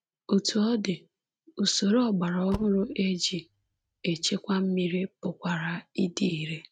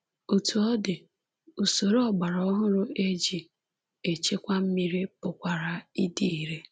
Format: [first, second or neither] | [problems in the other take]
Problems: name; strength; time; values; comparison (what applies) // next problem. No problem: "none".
second | noise reduction (neural mask model RNNoise)